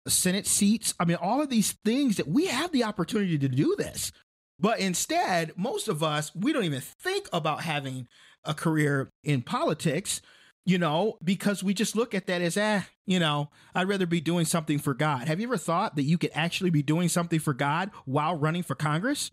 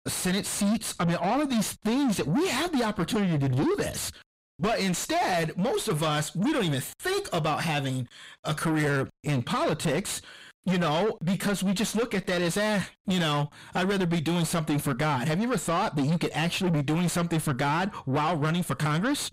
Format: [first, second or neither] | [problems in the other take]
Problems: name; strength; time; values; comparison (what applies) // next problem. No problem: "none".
first | distortion; heavy; 6 dB below the speech